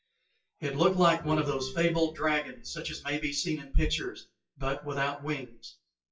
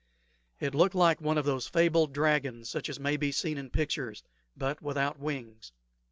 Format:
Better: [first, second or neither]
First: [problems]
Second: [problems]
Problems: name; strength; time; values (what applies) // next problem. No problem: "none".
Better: second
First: noise reduction (classical method WPE with log-MMSE)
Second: none